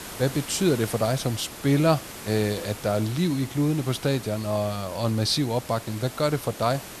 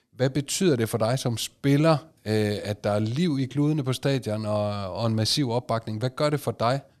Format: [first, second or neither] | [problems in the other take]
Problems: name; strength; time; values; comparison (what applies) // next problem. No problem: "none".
second | hiss; noticeable; throughout; 15 dB below the speech